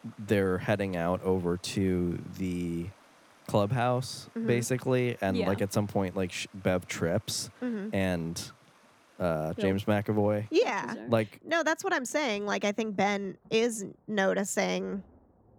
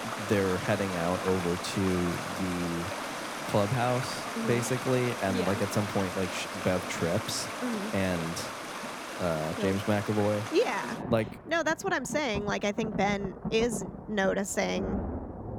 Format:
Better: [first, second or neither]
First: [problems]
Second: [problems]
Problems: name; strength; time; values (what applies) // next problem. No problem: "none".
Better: first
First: rain or running water; faint; throughout; 30 dB below the speech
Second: rain or running water; loud; throughout; 6 dB below the speech